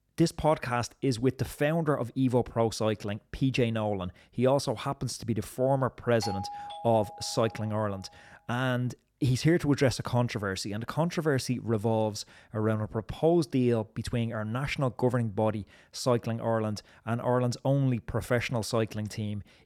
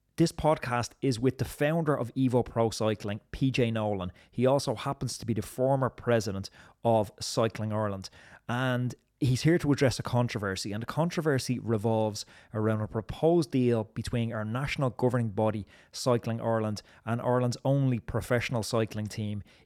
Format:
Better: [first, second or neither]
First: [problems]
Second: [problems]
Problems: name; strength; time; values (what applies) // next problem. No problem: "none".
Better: second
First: doorbell; noticeable; from 6 to 8 s; peak 8 dB below the speech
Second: none